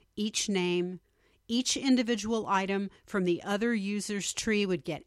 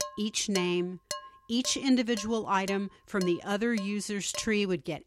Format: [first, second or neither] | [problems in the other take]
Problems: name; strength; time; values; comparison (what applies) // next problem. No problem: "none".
first | clattering dishes; noticeable; until 4.5 s; peak 7 dB below the speech